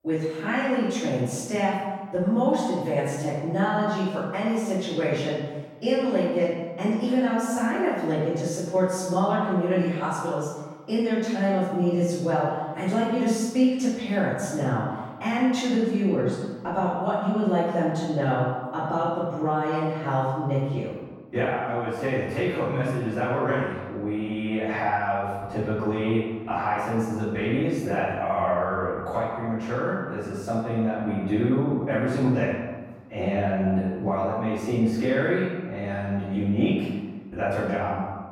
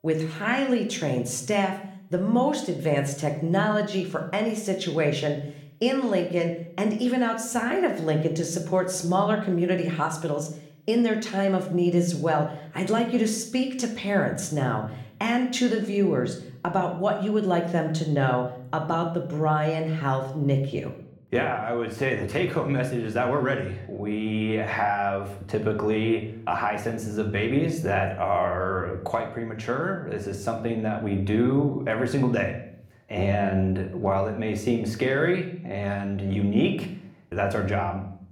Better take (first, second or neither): second